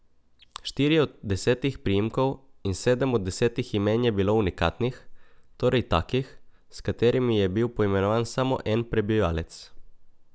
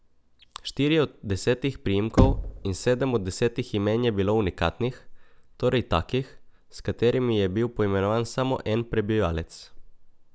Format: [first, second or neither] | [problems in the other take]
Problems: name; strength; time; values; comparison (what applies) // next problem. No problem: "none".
first | background sound (Knock / Wood); 2 dB below the speech